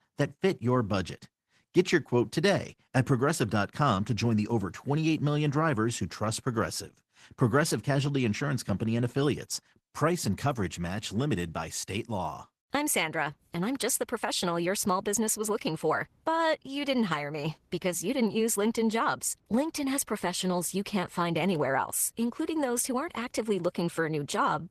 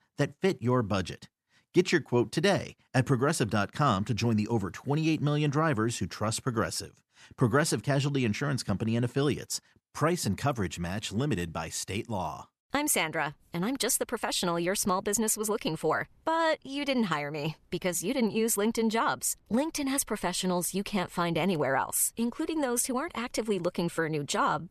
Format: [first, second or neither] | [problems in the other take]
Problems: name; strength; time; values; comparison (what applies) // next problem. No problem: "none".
second | garbled, watery; slightly; nothing above 13.5 kHz